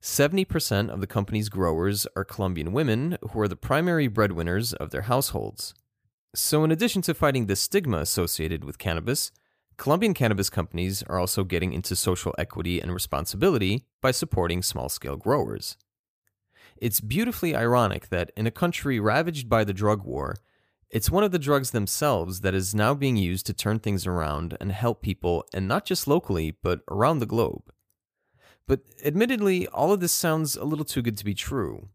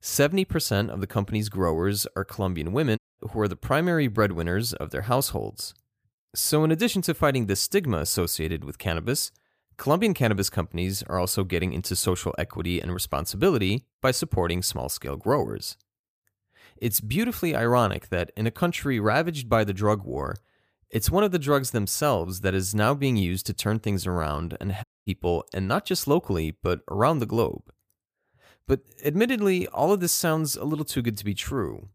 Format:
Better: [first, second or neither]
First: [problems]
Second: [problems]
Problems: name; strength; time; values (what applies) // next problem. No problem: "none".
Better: first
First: none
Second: audio cutting out; at 3 s and at 25 s